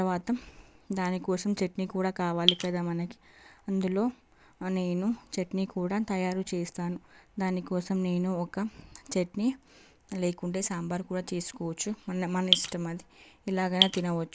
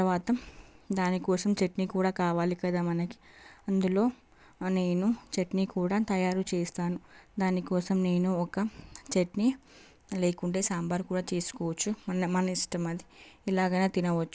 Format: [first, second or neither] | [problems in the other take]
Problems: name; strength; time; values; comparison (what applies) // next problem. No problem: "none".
second | background sound (Drip); 3 dB above the speech